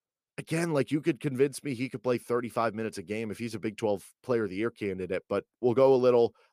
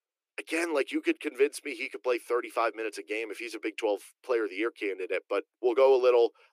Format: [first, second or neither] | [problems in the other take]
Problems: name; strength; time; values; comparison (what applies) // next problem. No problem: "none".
first | thin; somewhat; fading below 300 Hz